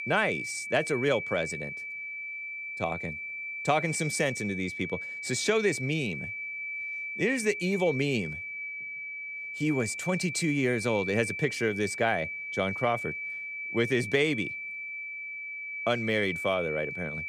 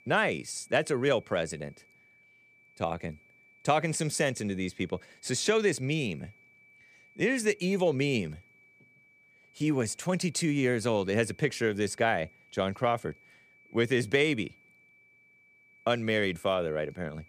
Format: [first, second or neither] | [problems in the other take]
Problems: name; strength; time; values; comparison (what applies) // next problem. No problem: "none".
second | high-pitched whine; loud; throughout; 2.5 kHz, 5 dB below the speech; faint in the second